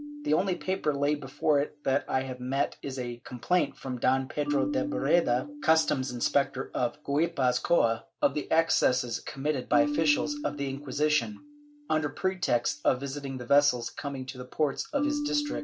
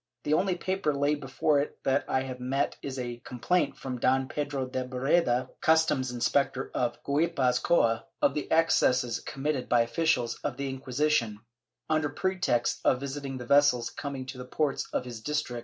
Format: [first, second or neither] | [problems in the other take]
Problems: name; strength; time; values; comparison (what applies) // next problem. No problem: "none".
second | background sound (Marimba, xylophone); 10 dB below the speech